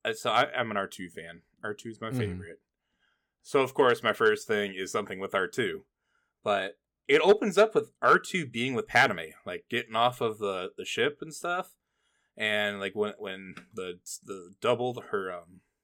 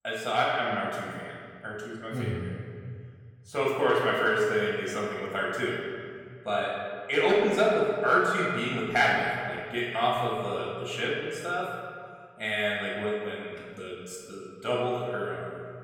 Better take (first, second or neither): first